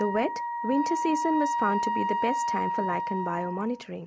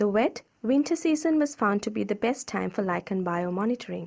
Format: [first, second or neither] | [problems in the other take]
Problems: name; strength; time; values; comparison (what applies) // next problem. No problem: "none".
second | background sound (Wind instrument, woodwind instrument); as loud as the speech